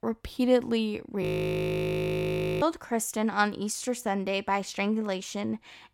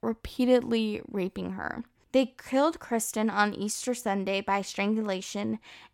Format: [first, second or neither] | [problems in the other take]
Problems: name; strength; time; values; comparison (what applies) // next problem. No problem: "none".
second | audio freezing; at 1 s for 1.5 s